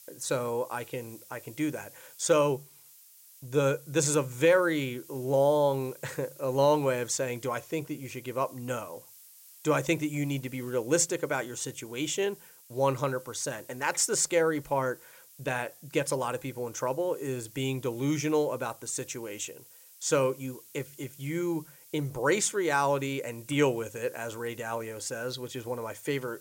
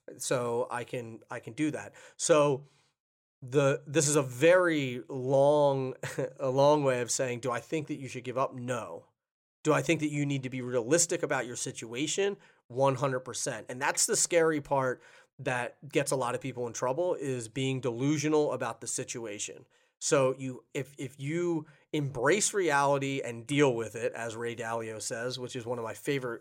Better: second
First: hiss; faint; throughout; 20 dB below the speech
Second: none

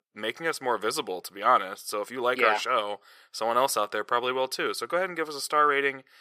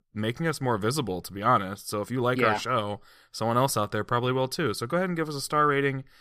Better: second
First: thin; somewhat; fading below 500 Hz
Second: none

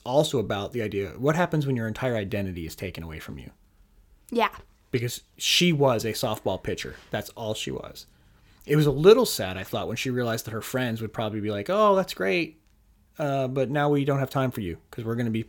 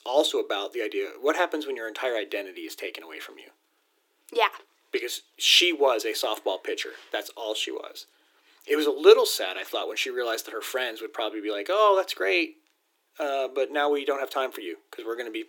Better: first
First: none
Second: thin; very; fading below 300 Hz

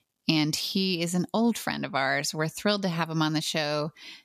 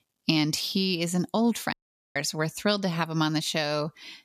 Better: first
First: none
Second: audio cutting out; at 1.5 s

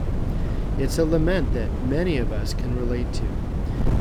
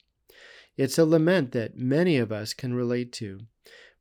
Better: second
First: wind noise on the microphone; heavy; 8 dB below the speech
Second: none

